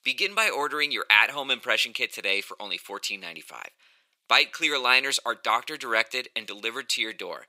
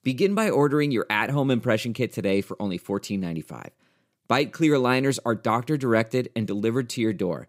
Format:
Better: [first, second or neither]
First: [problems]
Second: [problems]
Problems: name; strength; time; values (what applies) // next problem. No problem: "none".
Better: second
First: thin; very; fading below 950 Hz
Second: none